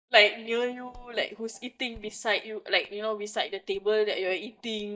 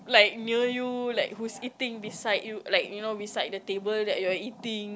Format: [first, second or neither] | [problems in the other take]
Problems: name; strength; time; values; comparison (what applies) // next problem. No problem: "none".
second | noise reduction (neural mask model DeepFilterNet 3)